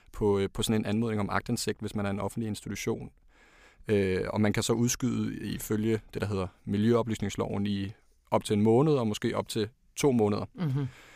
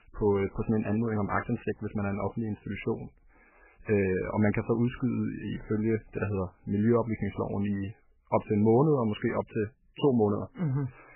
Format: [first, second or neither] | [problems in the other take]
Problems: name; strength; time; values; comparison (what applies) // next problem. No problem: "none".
first | garbled, watery; badly; nothing above 3 kHz